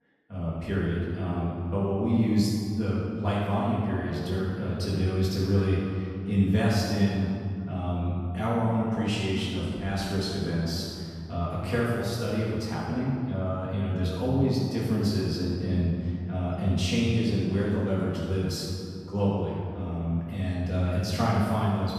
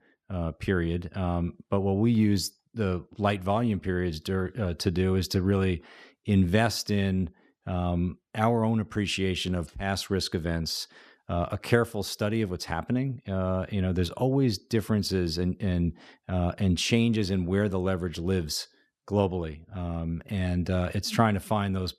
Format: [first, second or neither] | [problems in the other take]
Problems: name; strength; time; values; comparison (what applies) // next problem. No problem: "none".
second | off-mic speech; far // room echo; strong; dies away in 2.2 s